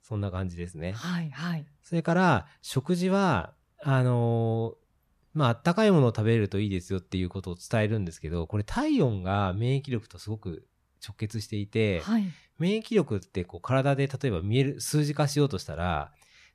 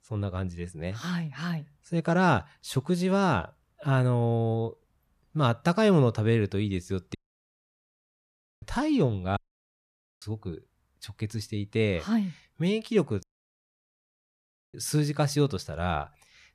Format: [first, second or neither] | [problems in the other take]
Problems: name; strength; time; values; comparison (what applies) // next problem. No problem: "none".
first | audio cutting out; at 7 s for 1.5 s, at 9.5 s for 1 s and at 13 s for 1.5 s